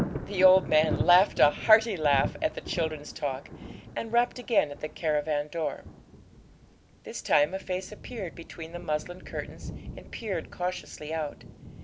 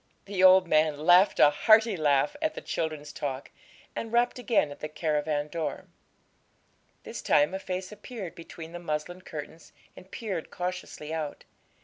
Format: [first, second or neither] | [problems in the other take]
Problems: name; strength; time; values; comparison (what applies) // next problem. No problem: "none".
second | background sound (Thunder); 11 dB below the speech